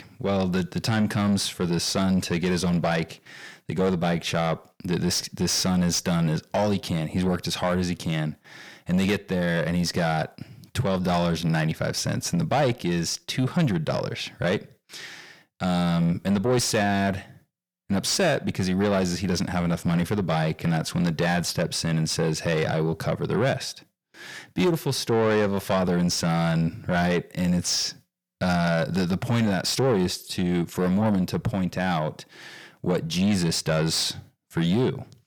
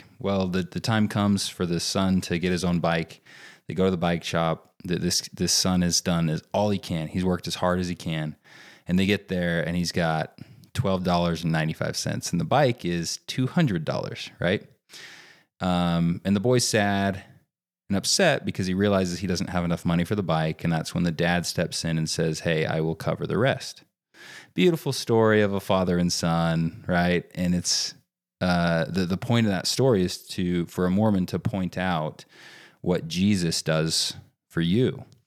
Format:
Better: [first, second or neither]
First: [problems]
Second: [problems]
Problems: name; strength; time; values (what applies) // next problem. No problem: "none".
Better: second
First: distortion; slight; 10 dB below the speech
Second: none